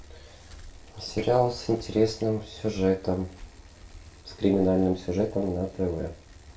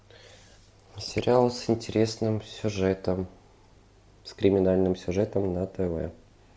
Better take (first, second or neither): second